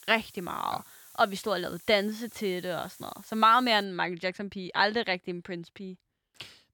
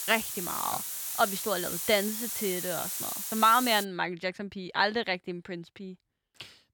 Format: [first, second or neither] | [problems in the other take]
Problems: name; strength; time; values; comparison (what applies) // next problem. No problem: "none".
first | hiss; loud; until 4 s; 3 dB below the speech; faint in the first